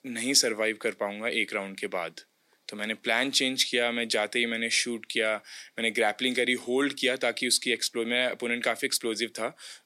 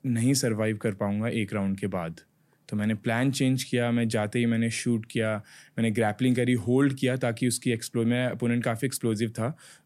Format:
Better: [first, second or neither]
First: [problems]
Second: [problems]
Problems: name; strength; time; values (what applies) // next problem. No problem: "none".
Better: second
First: thin; somewhat; fading below 350 Hz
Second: none